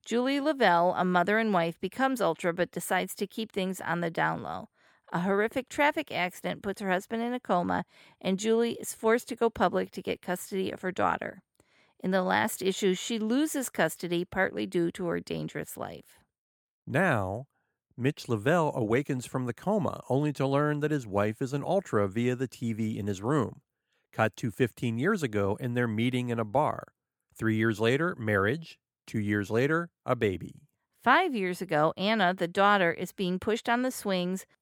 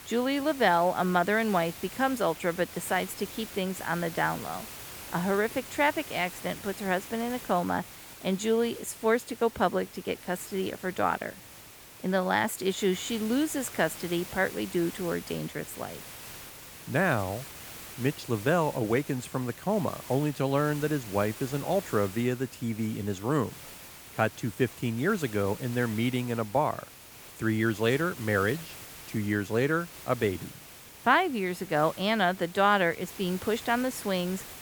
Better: first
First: none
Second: hiss; noticeable; throughout; 15 dB below the speech

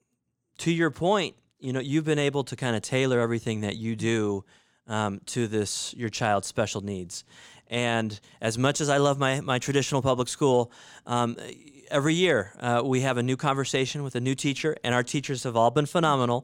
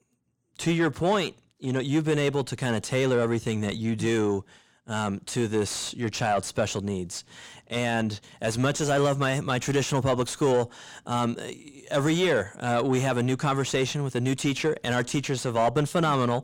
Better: first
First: none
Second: distortion; slight; 9 dB below the speech

